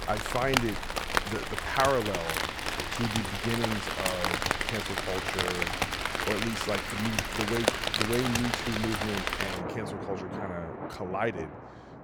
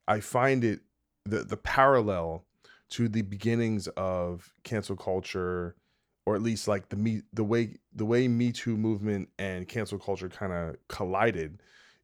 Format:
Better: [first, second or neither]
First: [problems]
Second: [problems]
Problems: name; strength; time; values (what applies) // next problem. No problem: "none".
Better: second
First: rain or running water; very loud; throughout; 2 dB above the speech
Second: none